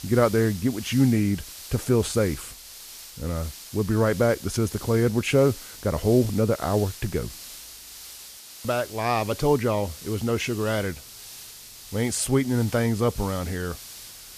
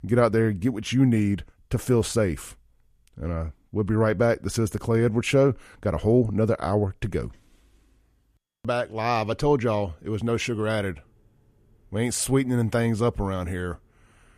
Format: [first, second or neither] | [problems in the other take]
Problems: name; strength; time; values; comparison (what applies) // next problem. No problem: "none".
second | hiss; noticeable; throughout; 15 dB below the speech